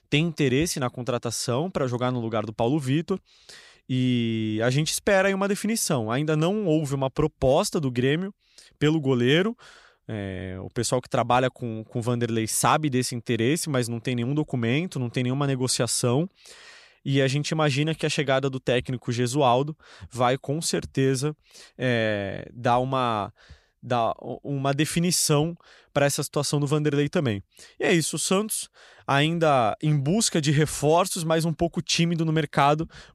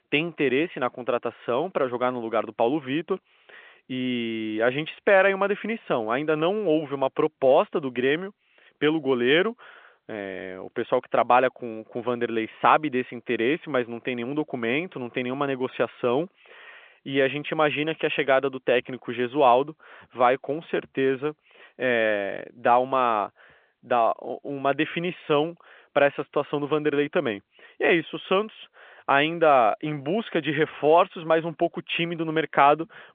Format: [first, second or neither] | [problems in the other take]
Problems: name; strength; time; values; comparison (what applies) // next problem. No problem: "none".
first | phone-call audio; nothing above 3.5 kHz